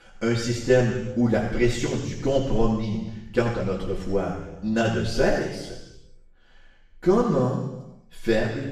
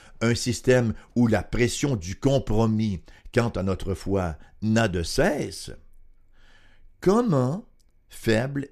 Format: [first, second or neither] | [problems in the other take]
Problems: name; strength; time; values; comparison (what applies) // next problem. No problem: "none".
second | room echo; noticeable; dies away in 1 s // off-mic speech; far